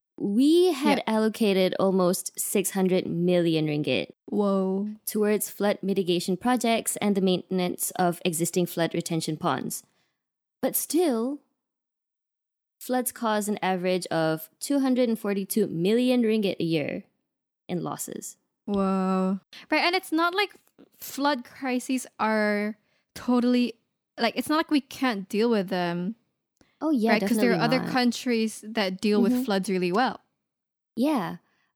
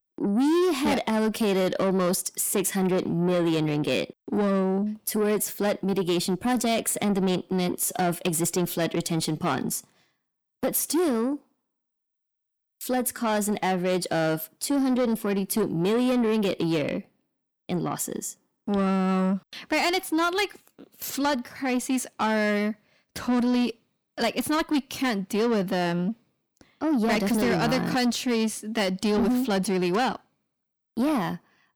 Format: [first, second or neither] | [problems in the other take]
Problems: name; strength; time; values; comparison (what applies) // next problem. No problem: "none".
first | distortion; slight; 10 dB below the speech